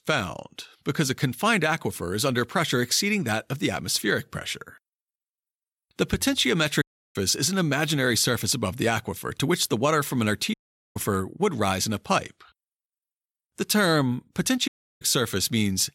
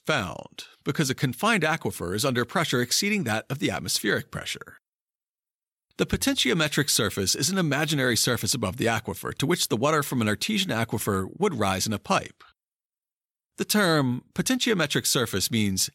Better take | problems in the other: second | audio cutting out; at 7 s, at 11 s and at 15 s

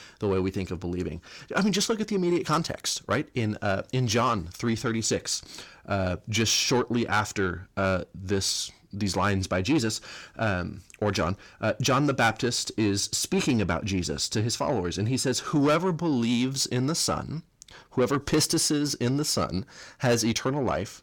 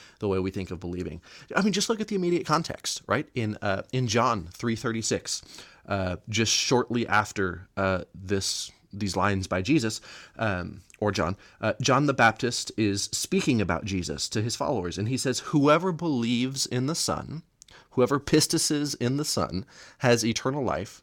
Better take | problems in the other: second | distortion; slight; 10 dB below the speech

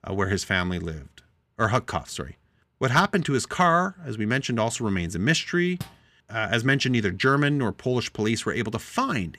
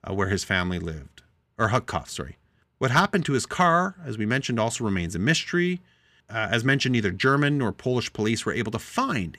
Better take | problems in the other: second | door banging; faint; at 6 s; peak 15 dB below the speech

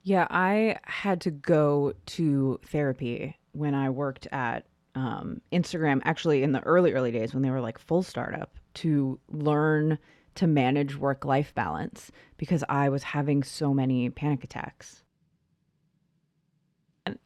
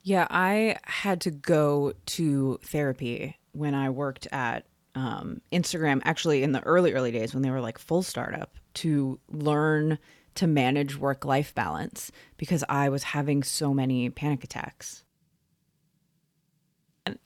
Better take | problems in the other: second | muffled; very slightly; fading above 2 kHz

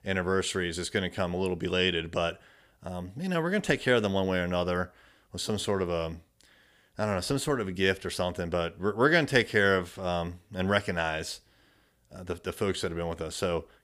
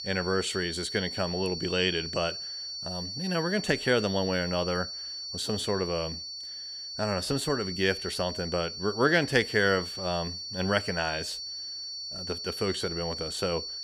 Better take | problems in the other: first | high-pitched whine; loud; throughout; 4.5 kHz, 6 dB below the speech

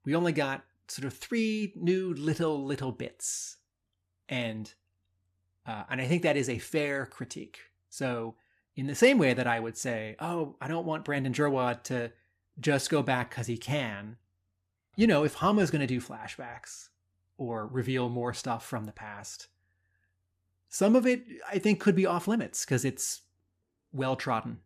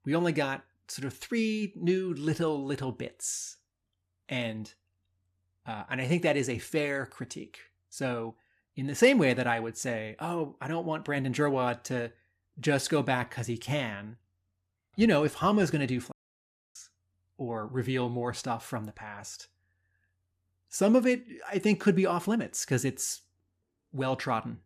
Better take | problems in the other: first | audio cutting out; at 16 s for 0.5 s

